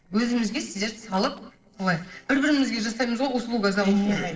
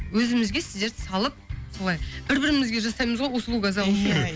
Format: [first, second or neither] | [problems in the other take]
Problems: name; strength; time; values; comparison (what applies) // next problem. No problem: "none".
second | noise reduction (neural separator model SepFormer DNS4)